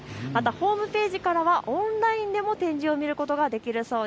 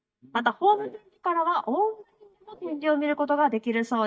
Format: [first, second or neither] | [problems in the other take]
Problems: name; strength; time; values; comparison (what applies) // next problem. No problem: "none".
first | noise reduction (neural mask model DeepFilterNet 3)